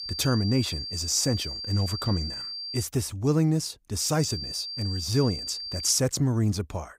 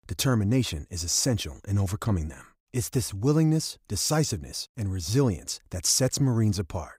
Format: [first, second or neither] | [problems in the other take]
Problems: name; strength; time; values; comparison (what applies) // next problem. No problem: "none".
second | high-pitched whine; loud; until 3 s and from 4 to 6 s; 4.5 kHz, 6 dB below the speech